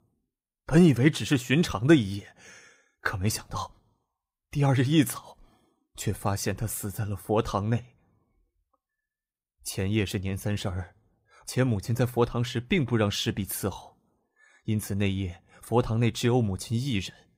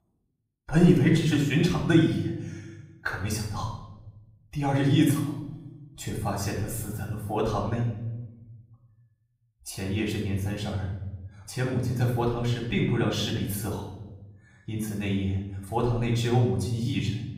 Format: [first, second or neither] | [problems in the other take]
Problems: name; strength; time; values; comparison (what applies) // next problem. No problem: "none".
first | off-mic speech; far // room echo; noticeable; dies away in 0.9 s